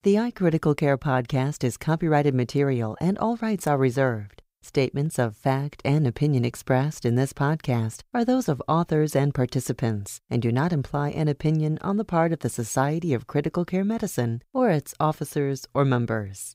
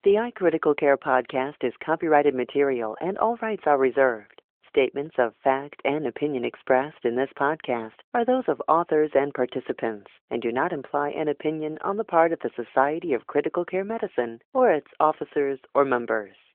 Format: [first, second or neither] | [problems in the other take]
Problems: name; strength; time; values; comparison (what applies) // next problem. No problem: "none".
first | phone-call audio